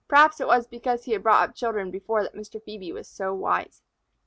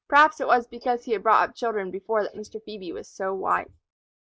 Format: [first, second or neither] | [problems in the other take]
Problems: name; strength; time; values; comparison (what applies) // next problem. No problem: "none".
first | noise reduction (neural mask model Resemble Enhance denoiser)